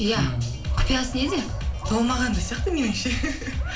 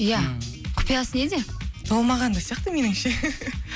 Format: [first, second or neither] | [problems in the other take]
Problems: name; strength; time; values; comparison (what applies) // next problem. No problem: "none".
second | background sound (Dog); 15 dB below the speech // room echo; dies away in 0.3 s